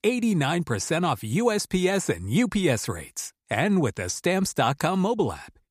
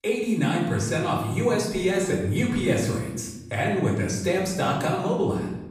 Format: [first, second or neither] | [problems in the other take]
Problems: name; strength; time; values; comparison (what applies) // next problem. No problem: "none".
first | off-mic speech; far // room echo; noticeable; dies away in 1 s